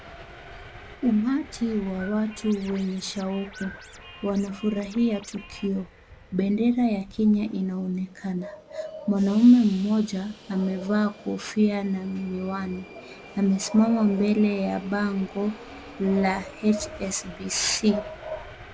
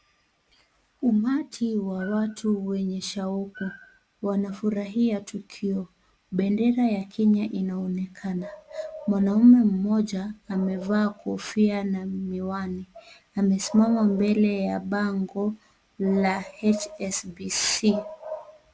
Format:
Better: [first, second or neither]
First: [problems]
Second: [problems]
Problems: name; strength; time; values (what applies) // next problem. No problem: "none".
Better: second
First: background sound (Subway, metro, underground + Scratching (performance technique)); 19 dB below the speech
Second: none